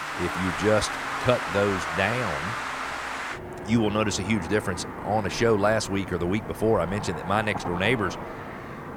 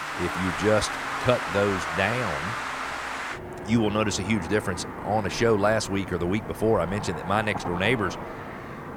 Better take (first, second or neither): neither